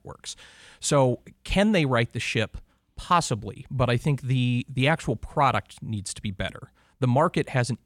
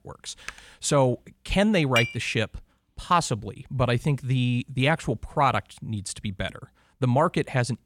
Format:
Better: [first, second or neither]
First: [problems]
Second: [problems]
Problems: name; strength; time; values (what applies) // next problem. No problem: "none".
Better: first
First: none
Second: keyboard typing; faint; at 0.5 s; peak 15 dB below the speech // clattering dishes; noticeable; at 2 s; peak 1 dB below the speech